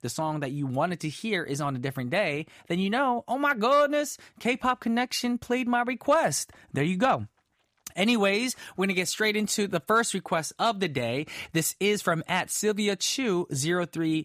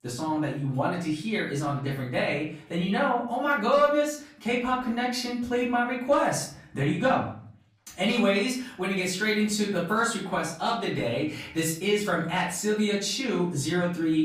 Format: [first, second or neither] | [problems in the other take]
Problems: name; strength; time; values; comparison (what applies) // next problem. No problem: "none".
first | room echo; slight; dies away in 0.5 s // off-mic speech; far